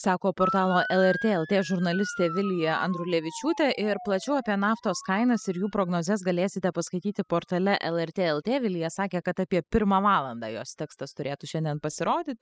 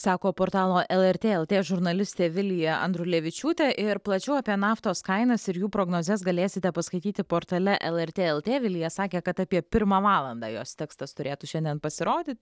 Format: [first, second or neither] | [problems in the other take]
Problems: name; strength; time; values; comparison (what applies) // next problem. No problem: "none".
second | noise reduction (classical method spectral subtraction)